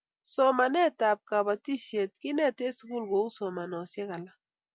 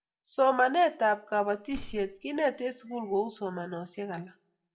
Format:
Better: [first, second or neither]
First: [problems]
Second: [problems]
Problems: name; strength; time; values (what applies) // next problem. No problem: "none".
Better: first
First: none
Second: background sound (Slam); 16 dB below the speech // room echo; dies away in 0.3 s